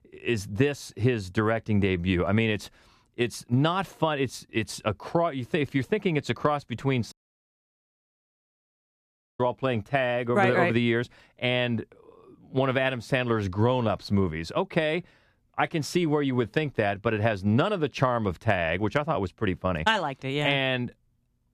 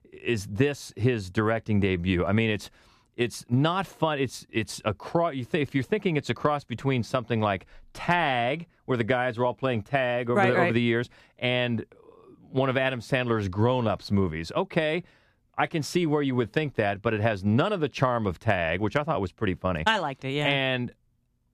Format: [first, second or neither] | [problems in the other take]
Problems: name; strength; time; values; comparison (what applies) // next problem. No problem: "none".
second | audio cutting out; at 7 s for 2.5 s